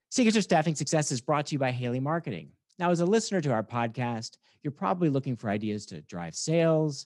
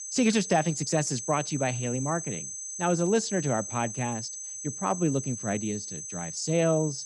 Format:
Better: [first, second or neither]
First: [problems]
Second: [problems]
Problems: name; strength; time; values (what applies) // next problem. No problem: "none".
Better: first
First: none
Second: high-pitched whine; loud; throughout; 6.5 kHz, 7 dB below the speech